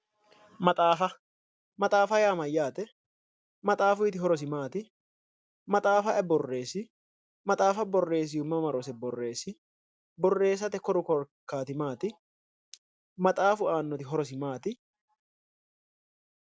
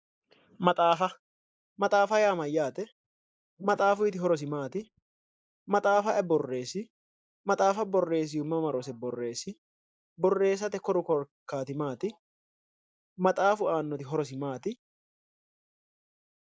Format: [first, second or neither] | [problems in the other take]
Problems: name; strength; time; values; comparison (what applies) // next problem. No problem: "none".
first | noise reduction (neural mask model Resemble Enhance denoiser)